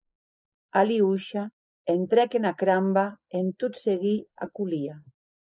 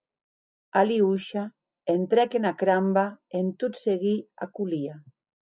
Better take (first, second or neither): second